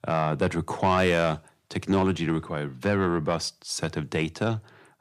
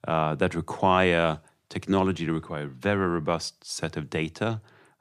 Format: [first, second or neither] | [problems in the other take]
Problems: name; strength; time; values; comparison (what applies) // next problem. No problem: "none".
second | distortion; slight; 10 dB below the speech